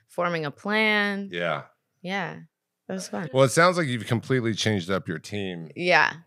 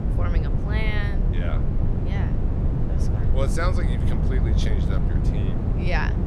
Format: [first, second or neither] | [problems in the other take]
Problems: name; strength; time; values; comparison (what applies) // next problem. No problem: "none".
first | wind noise on the microphone; heavy; 2 dB below the speech